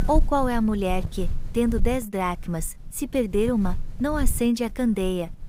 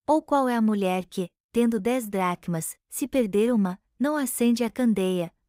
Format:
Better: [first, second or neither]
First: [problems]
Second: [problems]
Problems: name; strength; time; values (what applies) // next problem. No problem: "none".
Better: second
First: wind noise on the microphone; occasional gusts; 20 dB below the speech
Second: none